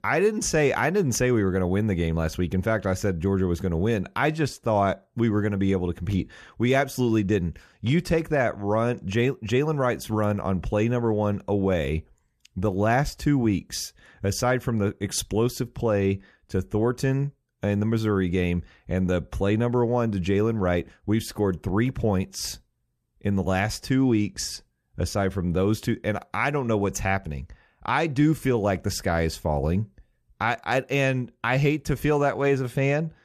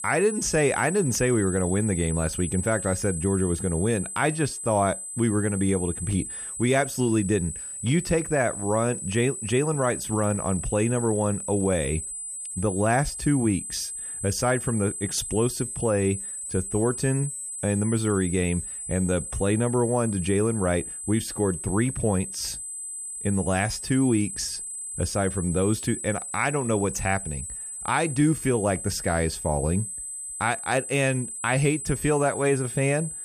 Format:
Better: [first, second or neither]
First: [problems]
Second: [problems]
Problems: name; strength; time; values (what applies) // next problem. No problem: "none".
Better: first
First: none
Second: high-pitched whine; loud; throughout; 8 kHz, 6 dB below the speech